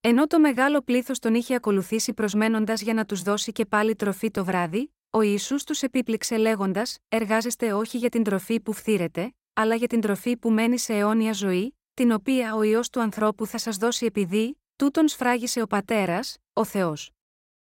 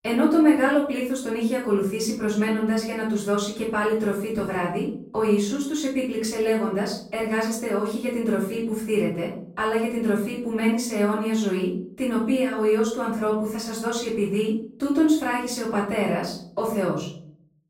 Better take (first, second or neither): first